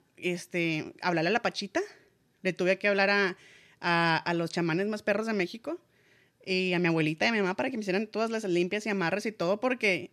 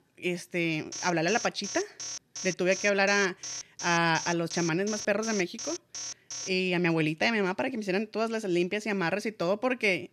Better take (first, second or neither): first